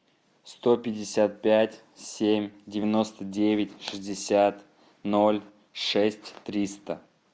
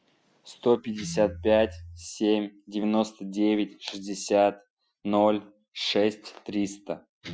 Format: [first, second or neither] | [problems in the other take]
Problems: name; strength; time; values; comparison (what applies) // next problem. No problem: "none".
first | noise reduction (classical method Wiener filter)